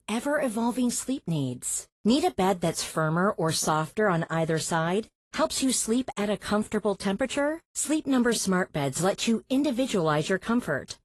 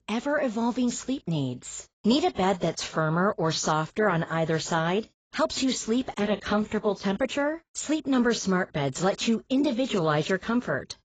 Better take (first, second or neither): first